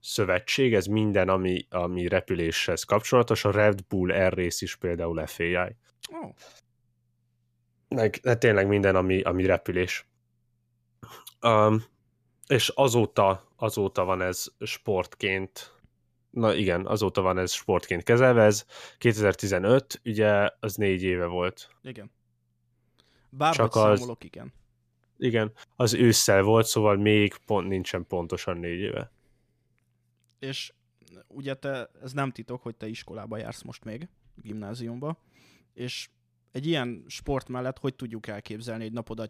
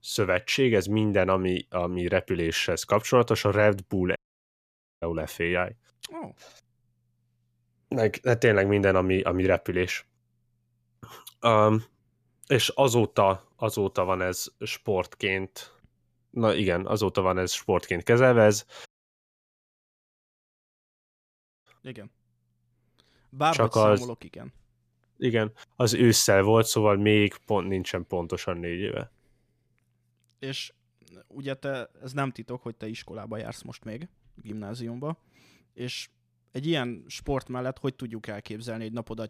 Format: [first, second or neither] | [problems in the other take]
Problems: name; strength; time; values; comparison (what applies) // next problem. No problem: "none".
first | audio cutting out; at 4 s for 1 s and at 19 s for 3 s